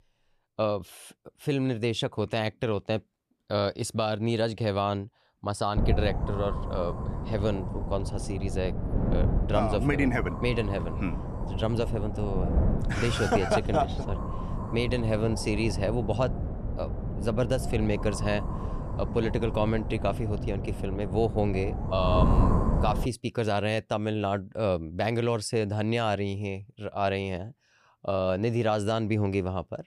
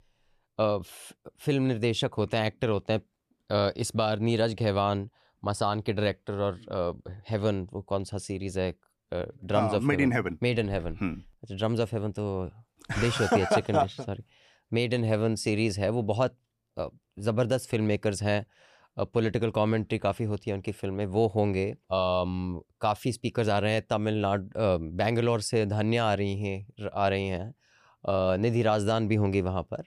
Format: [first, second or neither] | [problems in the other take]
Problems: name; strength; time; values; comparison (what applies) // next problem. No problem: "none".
second | wind noise on the microphone; heavy; from 6 to 23 s; 8 dB below the speech